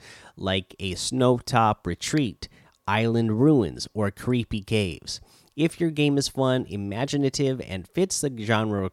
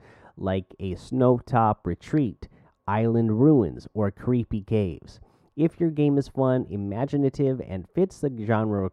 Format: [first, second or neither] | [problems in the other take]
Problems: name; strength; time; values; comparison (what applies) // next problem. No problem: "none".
first | muffled; very; fading above 2 kHz